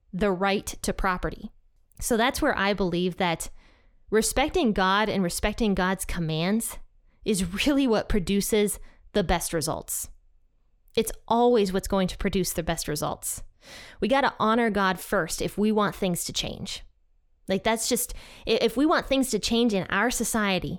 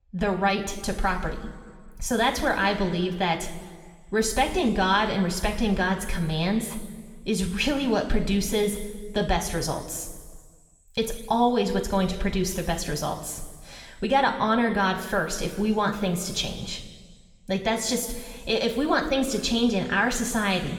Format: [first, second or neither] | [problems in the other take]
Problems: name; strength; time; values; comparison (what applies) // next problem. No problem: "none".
first | room echo; noticeable; dies away in 1.4 s // off-mic speech; somewhat distant